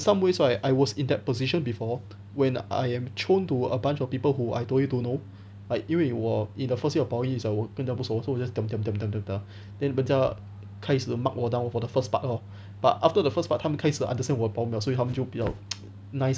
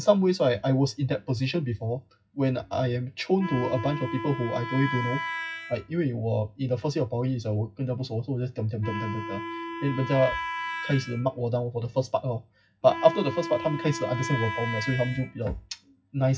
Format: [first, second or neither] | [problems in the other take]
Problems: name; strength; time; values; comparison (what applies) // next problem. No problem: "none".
first | noise reduction (classical method WPE with log-MMSE)